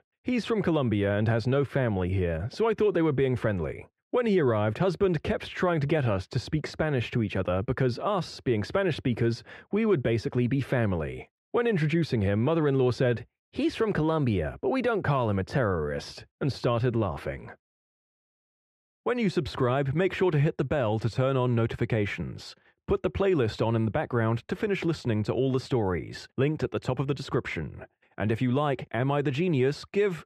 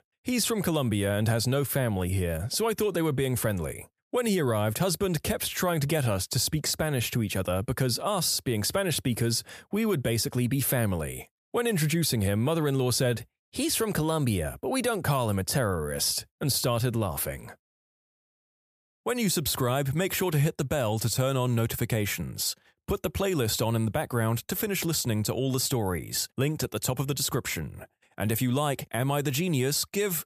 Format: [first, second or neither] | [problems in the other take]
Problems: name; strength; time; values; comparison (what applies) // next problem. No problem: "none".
second | muffled; very; fading above 2 kHz